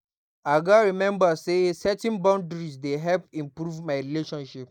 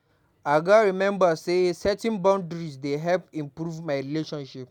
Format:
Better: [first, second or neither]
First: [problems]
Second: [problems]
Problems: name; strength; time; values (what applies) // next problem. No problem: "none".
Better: second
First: noise reduction (neural mask model Resemble Enhance denoiser)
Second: none